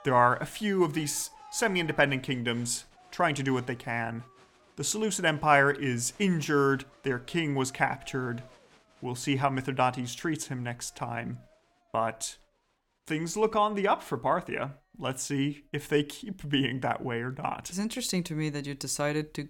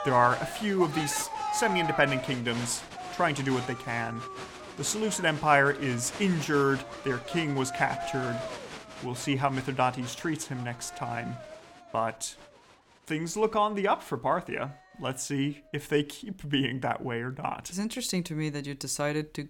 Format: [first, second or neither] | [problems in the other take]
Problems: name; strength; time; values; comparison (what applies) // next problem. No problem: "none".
first | crowd noise; loud; throughout; 9 dB below the speech; faint in the first